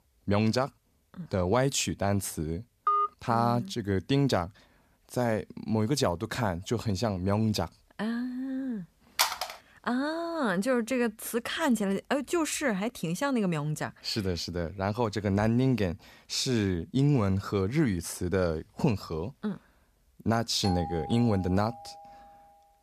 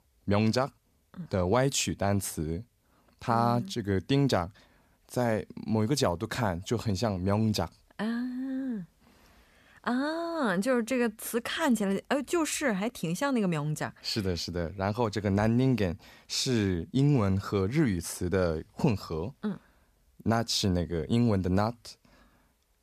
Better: second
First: phone ringing; loud; at 3 s and at 9 s; peak 2 dB above the speech // doorbell; noticeable; from 21 to 22 s; peak 7 dB below the speech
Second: none

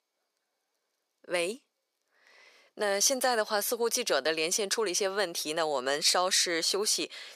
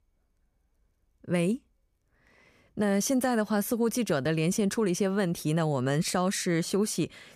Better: second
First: thin; very; fading below 450 Hz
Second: none

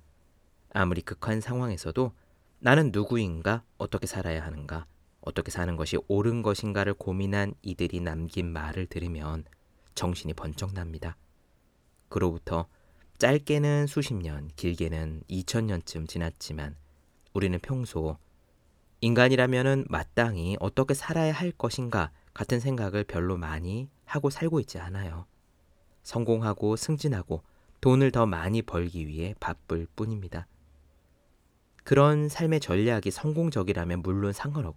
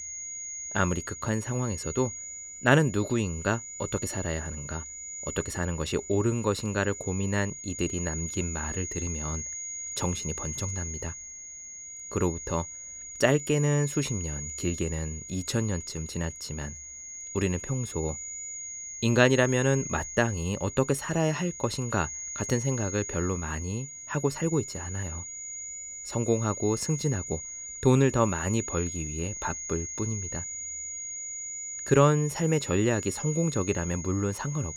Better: first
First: none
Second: high-pitched whine; loud; throughout; 6.5 kHz, 7 dB below the speech

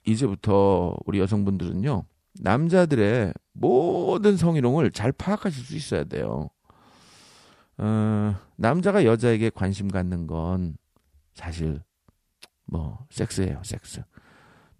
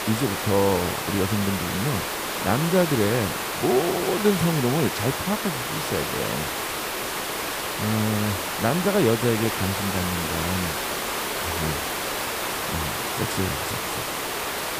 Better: first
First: none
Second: hiss; loud; throughout; 1 dB below the speech

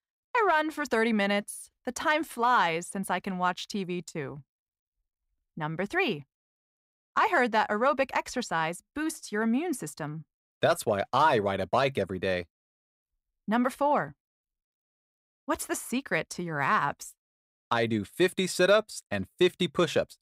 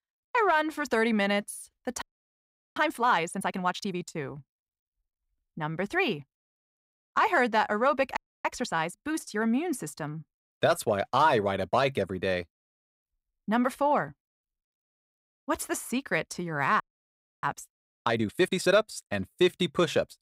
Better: first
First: none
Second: audio freezing; at 2 s for 0.5 s, at 8 s and at 17 s for 0.5 s

